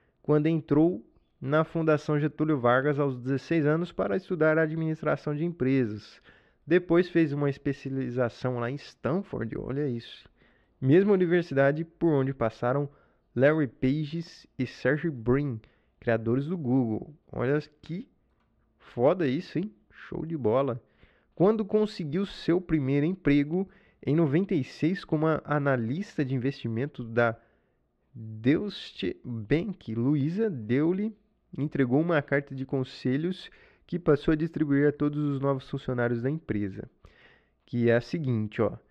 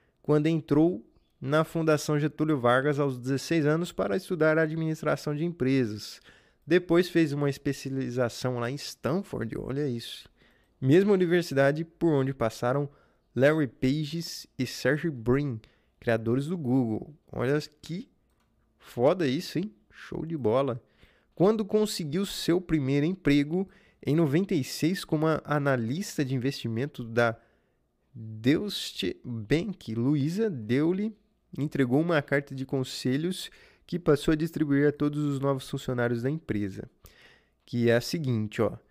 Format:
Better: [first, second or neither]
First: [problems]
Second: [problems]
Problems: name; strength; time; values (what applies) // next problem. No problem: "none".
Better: second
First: muffled; slightly; fading above 3 kHz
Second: none